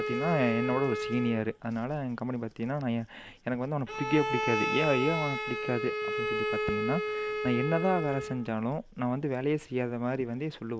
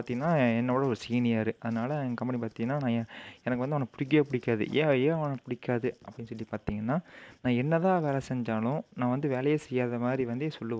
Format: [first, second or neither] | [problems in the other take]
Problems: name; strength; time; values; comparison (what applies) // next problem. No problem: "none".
second | background sound (Bowed string instrument); 4 dB below the speech